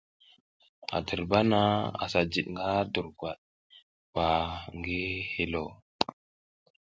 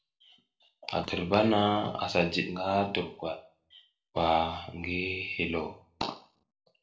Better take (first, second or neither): first